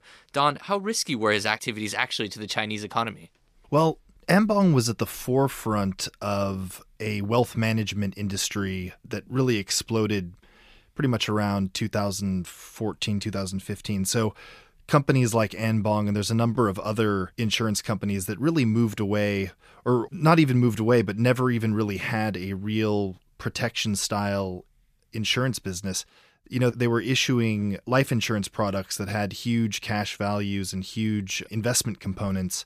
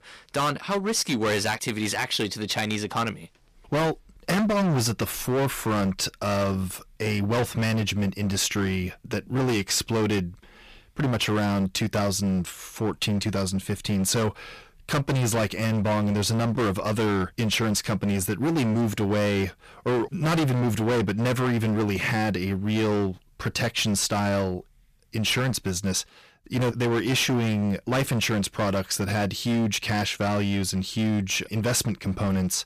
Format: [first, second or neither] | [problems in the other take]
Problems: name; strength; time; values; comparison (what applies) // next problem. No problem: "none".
first | distortion; heavy; 21% of the sound clipped